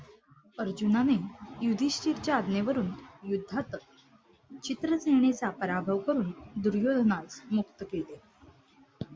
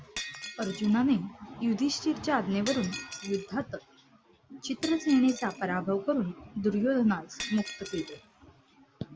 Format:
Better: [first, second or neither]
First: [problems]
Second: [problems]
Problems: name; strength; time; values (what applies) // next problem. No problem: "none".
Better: first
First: none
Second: background sound (Shatter); 15 dB below the speech